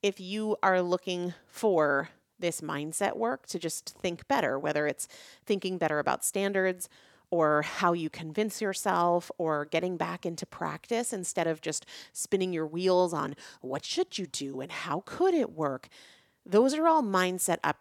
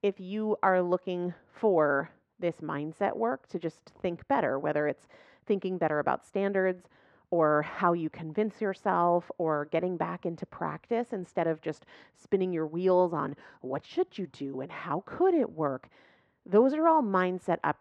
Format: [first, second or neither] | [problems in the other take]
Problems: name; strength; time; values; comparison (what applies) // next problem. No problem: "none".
first | muffled; very; fading above 1.5 kHz